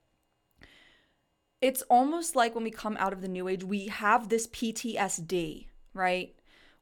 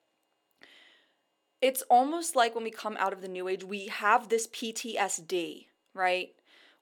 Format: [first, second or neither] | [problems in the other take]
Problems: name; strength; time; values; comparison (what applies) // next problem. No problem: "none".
first | thin; very slightly; fading below 400 Hz